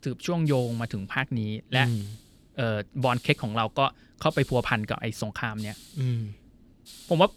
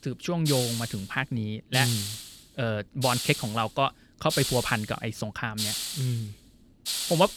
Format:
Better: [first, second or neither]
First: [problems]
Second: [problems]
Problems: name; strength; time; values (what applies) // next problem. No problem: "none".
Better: first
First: hiss; faint; throughout; 20 dB below the speech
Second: hiss; loud; throughout; 3 dB below the speech